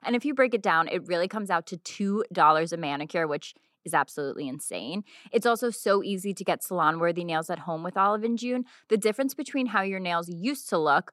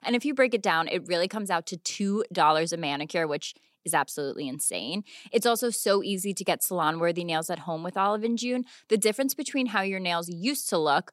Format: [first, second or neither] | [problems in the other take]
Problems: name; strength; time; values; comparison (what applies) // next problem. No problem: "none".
second | muffled; slightly; fading above 3 kHz